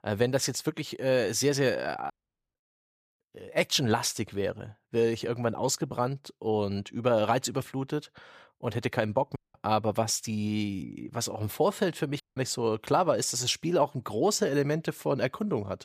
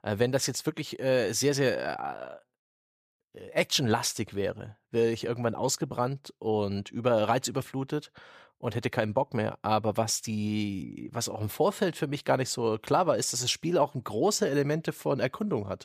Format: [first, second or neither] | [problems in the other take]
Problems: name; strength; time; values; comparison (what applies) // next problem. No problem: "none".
second | audio cutting out; at 2 s, at 9.5 s and at 12 s